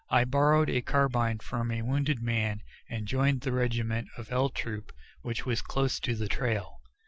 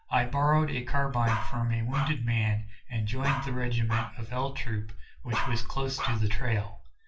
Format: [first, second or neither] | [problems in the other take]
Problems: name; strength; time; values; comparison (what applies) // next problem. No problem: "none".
first | background sound (Bark); 10 dB below the speech // room echo; dies away in 0.3 s